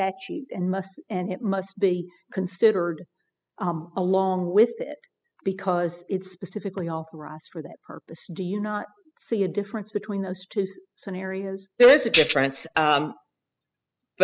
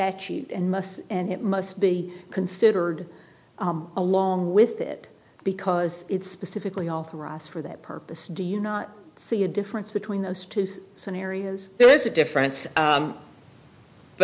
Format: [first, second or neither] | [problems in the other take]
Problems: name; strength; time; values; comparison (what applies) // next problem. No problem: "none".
second | noise reduction (classical method spectral subtraction)